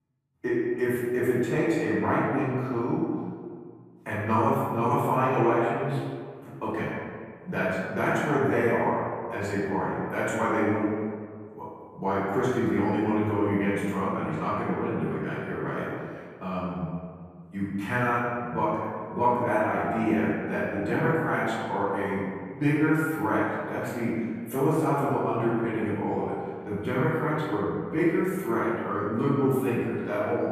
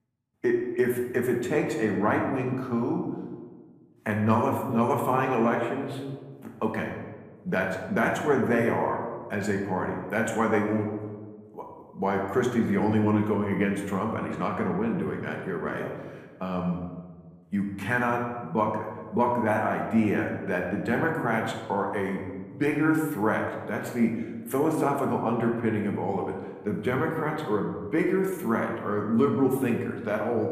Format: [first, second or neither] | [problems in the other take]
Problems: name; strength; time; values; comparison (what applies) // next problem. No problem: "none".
second | room echo; strong; dies away in 1.7 s; slight in the second // off-mic speech; far; somewhat distant in the second